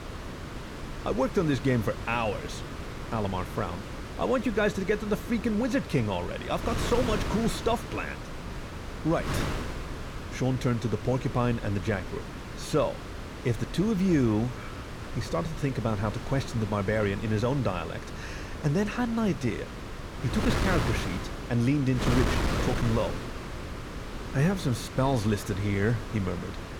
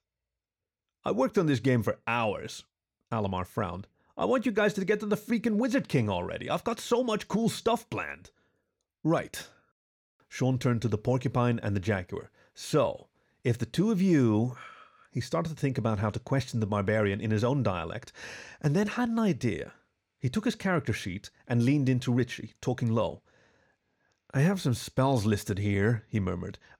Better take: second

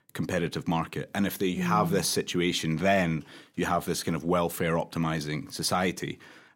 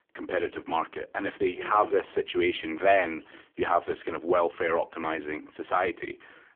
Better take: first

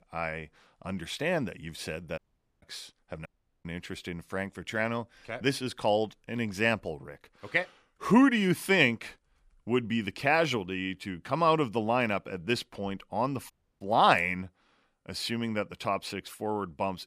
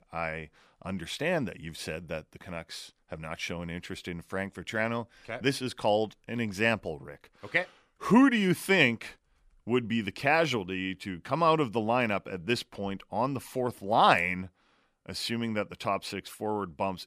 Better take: second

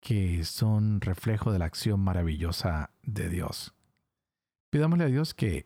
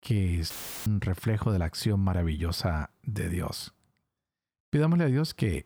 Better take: first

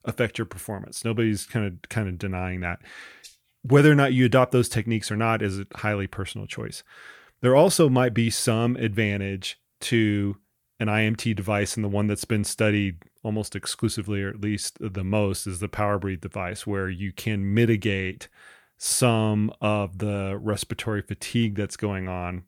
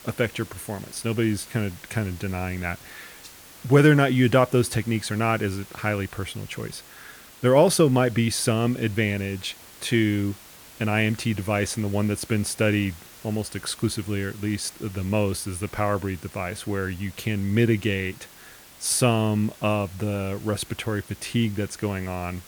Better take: first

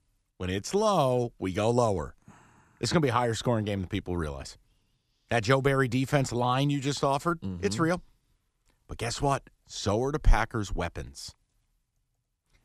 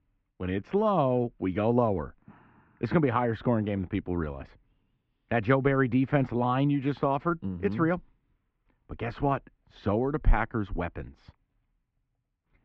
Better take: first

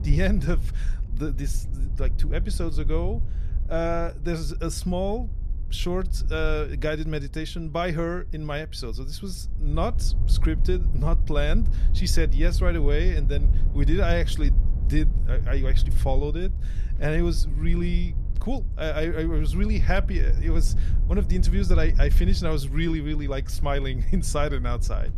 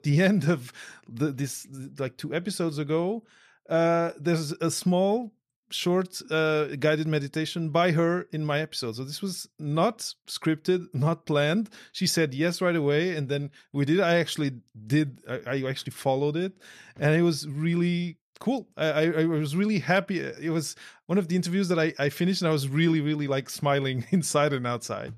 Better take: second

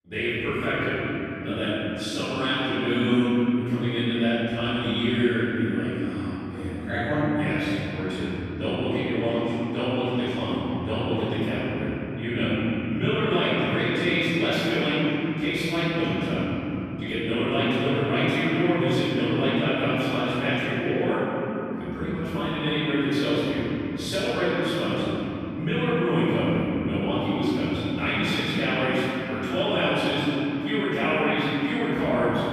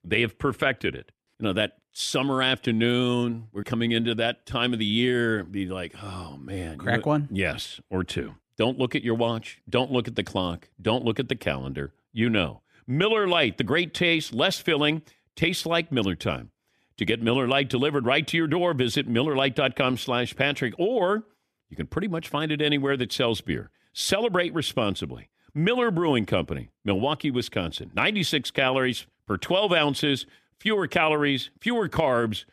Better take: second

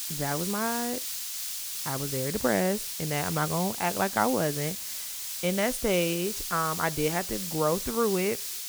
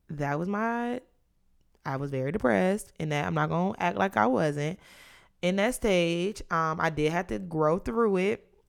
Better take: second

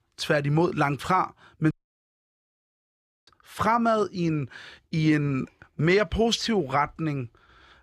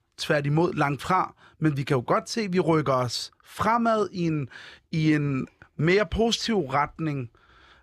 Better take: second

